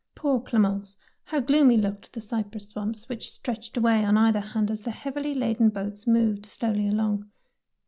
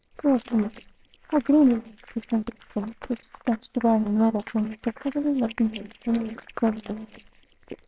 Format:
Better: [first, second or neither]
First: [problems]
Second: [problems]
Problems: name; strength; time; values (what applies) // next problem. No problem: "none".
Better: first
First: none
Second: noise reduction (neural separator model SepFormer WHAMR!)